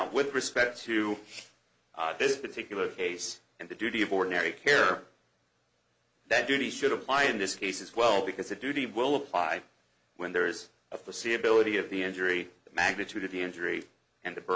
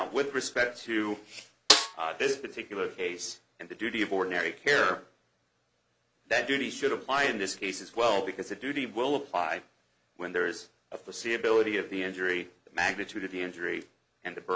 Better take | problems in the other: first | background sound (Snare drum); 2 dB above the speech

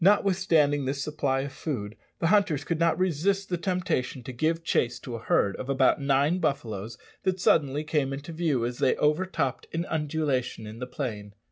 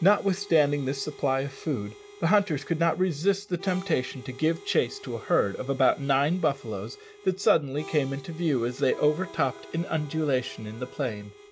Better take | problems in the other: first | background sound (Harmonica + Electric guitar); 19 dB below the speech

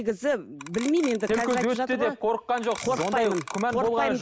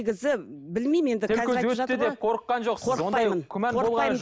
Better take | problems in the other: second | background sound (Clock); 14 dB below the speech

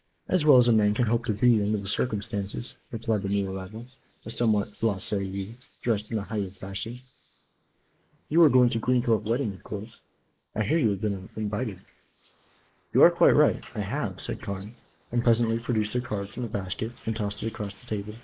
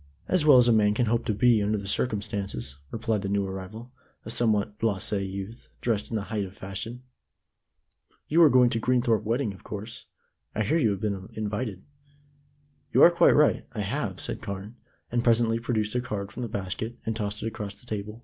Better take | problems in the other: second | noise reduction (neural mask model Resemble Enhance denoiser)

